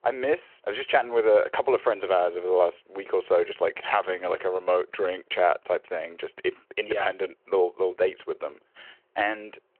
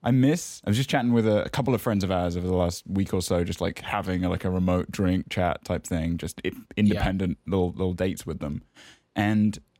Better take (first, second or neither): second